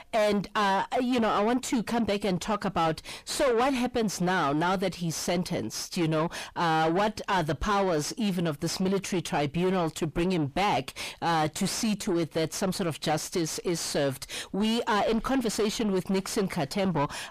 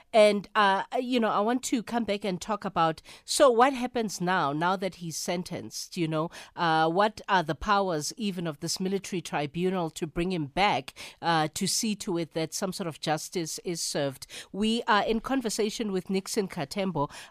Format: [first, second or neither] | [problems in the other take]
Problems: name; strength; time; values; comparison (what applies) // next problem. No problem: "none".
second | distortion; heavy; 5 dB below the speech